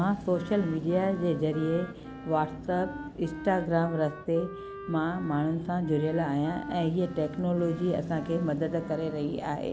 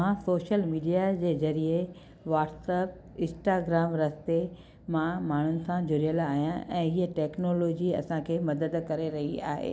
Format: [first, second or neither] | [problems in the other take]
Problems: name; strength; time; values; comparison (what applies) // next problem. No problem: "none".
second | background sound (Wind instrument, woodwind instrument + Car passing by / Traffic noise, roadway noise / Engine); 11 dB below the speech